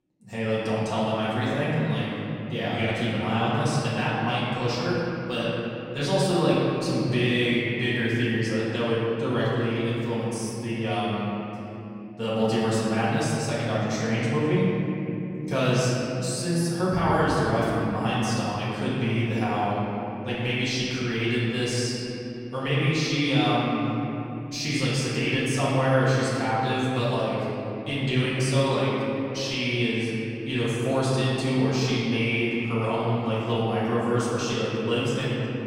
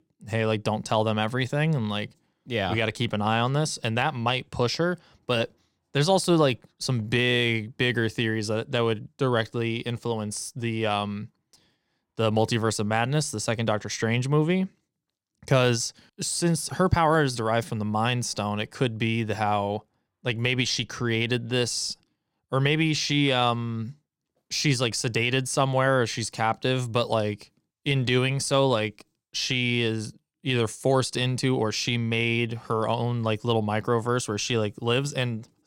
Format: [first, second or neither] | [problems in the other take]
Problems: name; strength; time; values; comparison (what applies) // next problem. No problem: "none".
second | off-mic speech; far // room echo; strong; dies away in 3 s